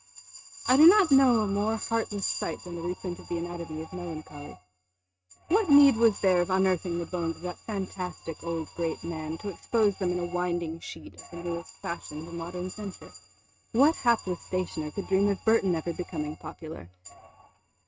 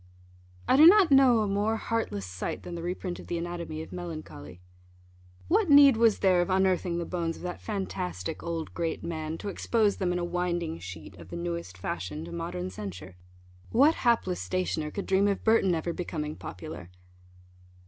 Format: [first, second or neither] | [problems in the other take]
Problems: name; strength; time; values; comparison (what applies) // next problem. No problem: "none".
second | noise reduction (neural mask model RNNoise)